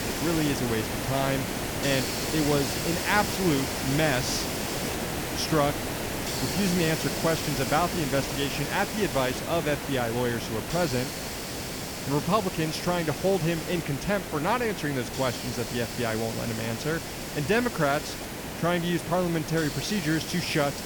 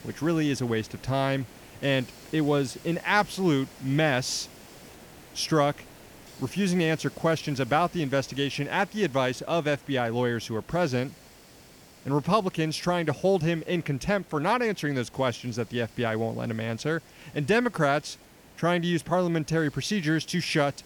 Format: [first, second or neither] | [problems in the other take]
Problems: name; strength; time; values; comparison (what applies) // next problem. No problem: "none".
second | hiss; loud; throughout; 3 dB below the speech; faint in the second